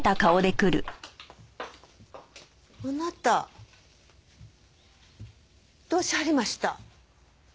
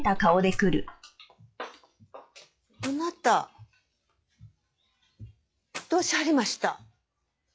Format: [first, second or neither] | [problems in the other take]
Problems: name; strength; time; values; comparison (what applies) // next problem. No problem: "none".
first | noise reduction (classical method log-MMSE)